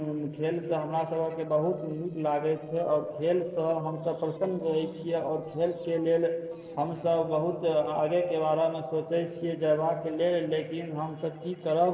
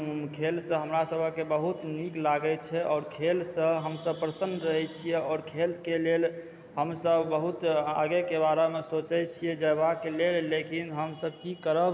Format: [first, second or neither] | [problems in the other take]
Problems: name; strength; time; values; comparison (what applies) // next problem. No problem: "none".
second | noise reduction (neural separator model SepFormer DNS4)